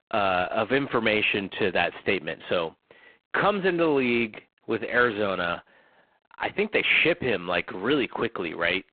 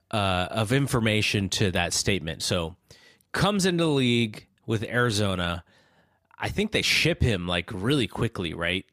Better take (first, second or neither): second